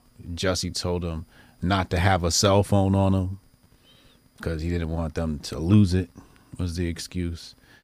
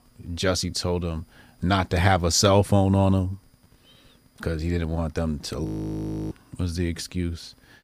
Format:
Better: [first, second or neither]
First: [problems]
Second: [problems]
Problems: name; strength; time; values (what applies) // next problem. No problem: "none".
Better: first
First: none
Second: audio freezing; at 5.5 s for 0.5 s